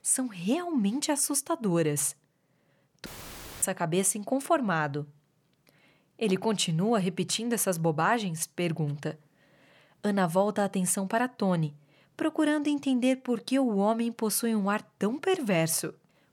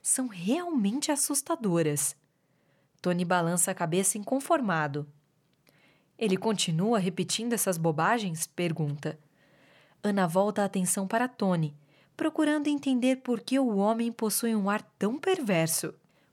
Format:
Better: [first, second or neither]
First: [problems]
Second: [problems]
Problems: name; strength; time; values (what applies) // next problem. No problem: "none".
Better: second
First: audio cutting out; filled with static; at 3 s for 0.5 s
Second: none